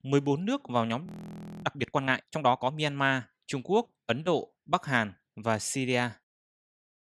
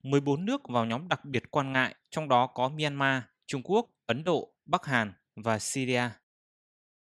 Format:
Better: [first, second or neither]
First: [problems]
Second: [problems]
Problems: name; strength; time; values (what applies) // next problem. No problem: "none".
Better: second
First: audio freezing; at 1 s for 0.5 s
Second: none